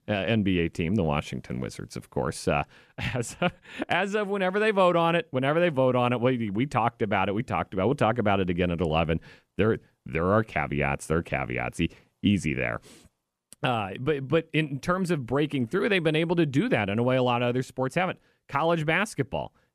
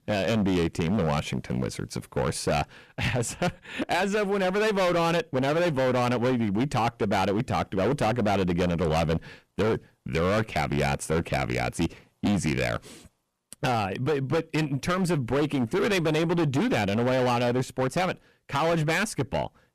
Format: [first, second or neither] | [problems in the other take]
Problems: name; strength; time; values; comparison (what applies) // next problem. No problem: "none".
first | distortion; heavy; 20% of the sound clipped